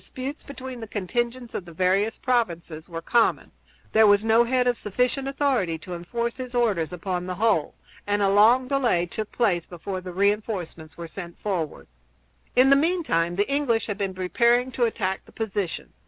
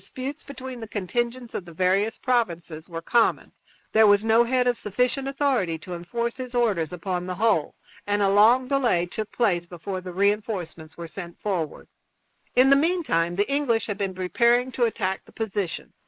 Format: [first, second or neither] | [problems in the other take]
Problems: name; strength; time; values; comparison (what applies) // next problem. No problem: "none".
first | noise reduction (neural mask model Resemble Enhance denoiser)